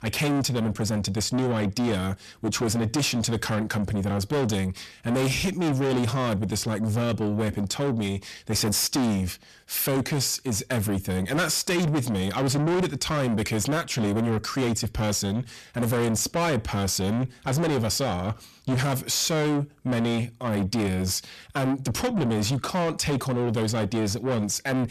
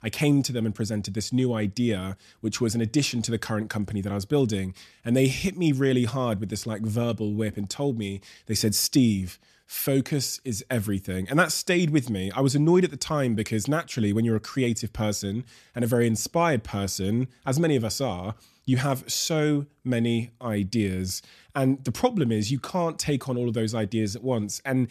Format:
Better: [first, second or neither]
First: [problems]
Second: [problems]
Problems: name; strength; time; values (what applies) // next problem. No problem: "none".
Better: second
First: distortion; heavy; 6 dB below the speech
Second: none